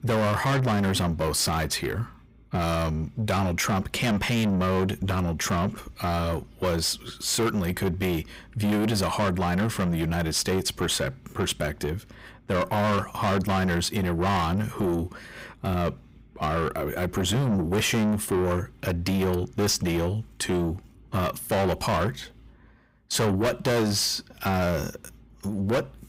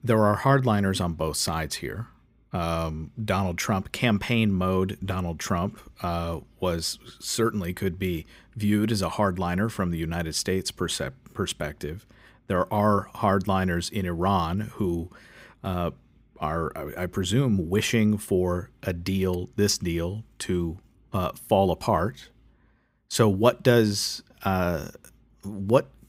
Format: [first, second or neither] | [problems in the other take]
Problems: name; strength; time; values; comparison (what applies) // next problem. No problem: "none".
second | distortion; heavy; 6 dB below the speech